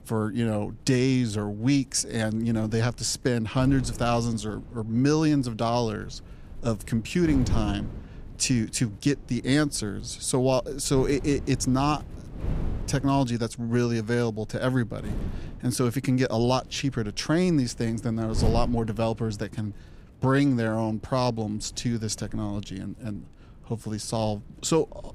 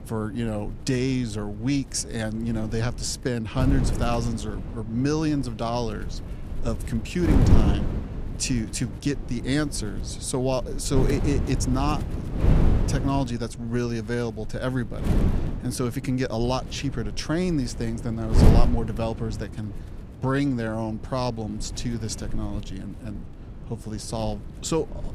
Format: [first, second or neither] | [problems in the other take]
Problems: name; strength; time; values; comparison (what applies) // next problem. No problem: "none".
first | wind noise on the microphone; heavy; 7 dB below the speech; occasional gusts in the first